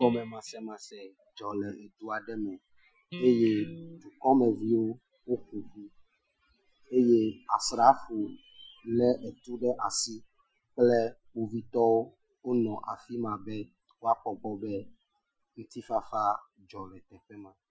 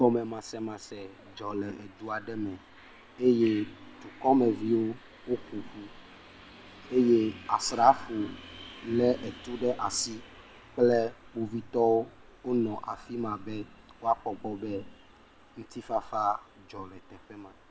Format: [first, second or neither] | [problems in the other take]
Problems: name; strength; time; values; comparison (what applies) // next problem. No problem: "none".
second | noise reduction (classical method Wiener filter)